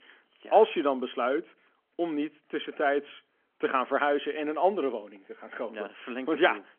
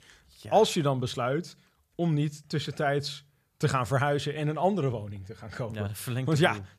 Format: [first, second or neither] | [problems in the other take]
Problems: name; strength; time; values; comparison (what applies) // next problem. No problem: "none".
second | phone-call audio; nothing above 3.5 kHz